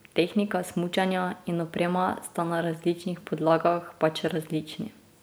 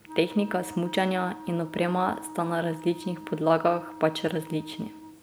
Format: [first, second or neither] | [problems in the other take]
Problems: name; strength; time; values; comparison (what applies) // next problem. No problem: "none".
first | background sound (Wind instrument, woodwind instrument); 15 dB below the speech